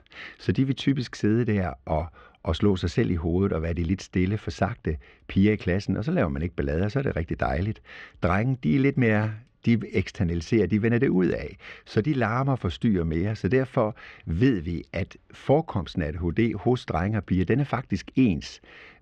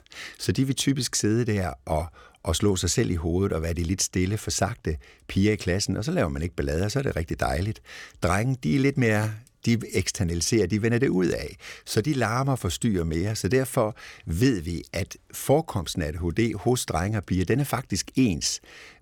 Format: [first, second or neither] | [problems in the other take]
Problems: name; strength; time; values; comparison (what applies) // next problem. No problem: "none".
second | muffled; slightly; fading above 3 kHz